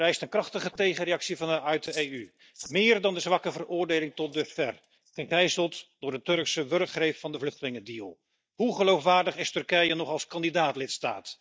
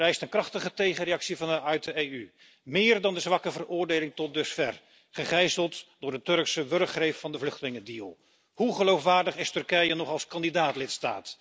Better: second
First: noise reduction (neural mask model DeepFilterNet 3)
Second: none

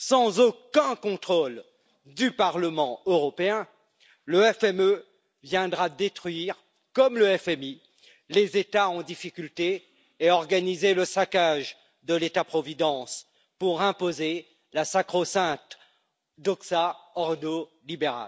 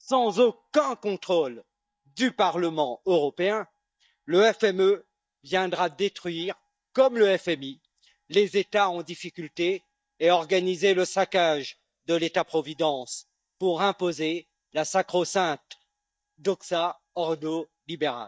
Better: first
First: none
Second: noise reduction (neural mask model DeepFilterNet 3)

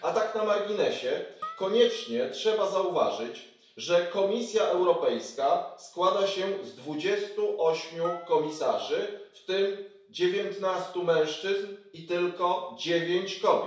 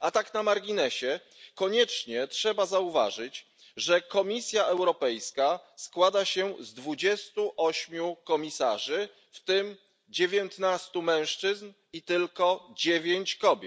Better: second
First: background sound (Harp); 19 dB below the speech // room echo; dies away in 0.6 s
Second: none

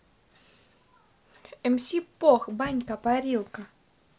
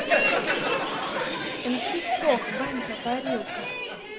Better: first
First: none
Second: background sound (Crowd); 4 dB above the speech

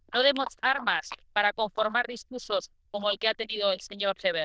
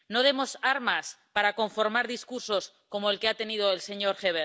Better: second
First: noise reduction (neural diffusion model UNIVERSE++)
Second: none

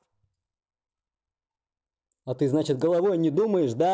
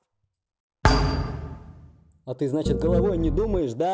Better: first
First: none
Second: background sound (Thump, thud + Piano); 3 dB above the speech

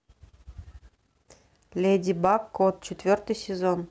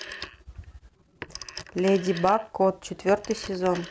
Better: first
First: none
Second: background sound (Telephone); 15 dB below the speech

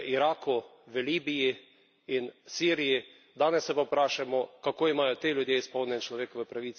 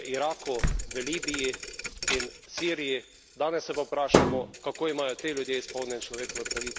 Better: first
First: none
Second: background sound (Slam + Thump, thud); as loud as the speech

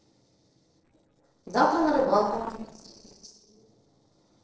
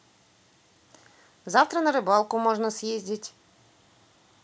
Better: second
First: noise reduction (neural separator model SepFormer DNS4)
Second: none

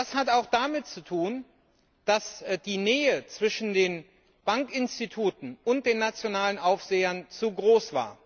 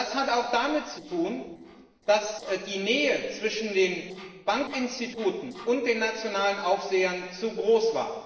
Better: first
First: none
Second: noise reduction (neural separator model SepFormer DNS4)

